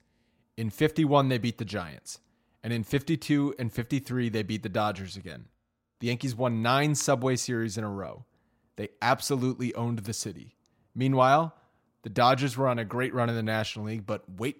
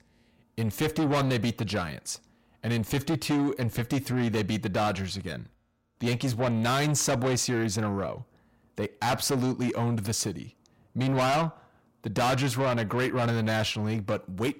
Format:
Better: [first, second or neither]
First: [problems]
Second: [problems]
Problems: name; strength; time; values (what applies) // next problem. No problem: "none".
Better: first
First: none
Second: distortion; heavy; 6 dB below the speech